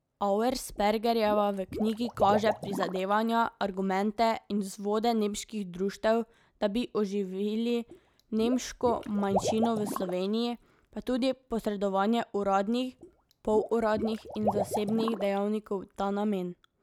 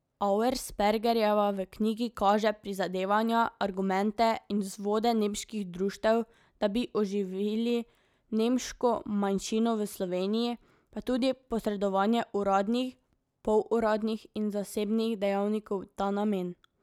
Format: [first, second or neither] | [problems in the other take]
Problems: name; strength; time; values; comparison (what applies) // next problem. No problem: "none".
second | background sound (Liquid); 9 dB below the speech